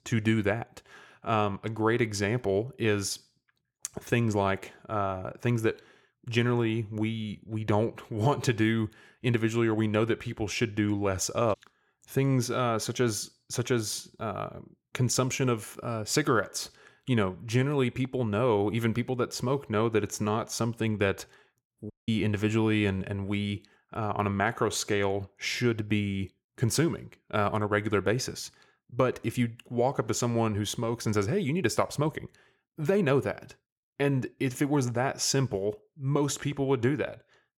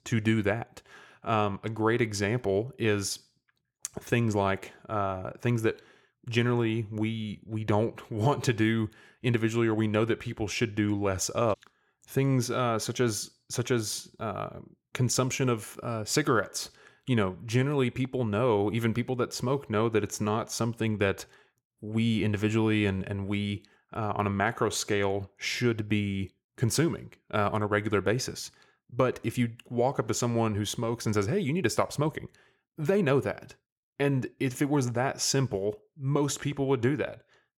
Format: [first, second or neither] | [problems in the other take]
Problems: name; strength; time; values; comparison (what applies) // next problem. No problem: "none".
second | audio cutting out; at 22 s